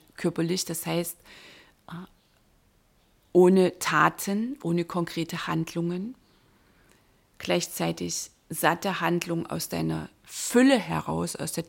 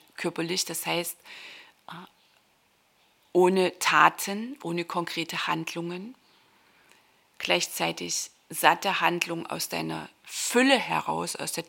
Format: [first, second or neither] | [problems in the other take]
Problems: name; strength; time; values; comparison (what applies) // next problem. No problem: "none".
first | thin; somewhat; fading below 750 Hz